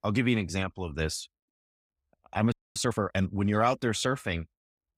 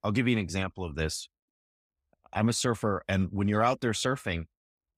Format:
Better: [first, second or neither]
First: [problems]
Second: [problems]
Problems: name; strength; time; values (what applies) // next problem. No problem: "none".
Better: second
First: audio freezing; at 2.5 s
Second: none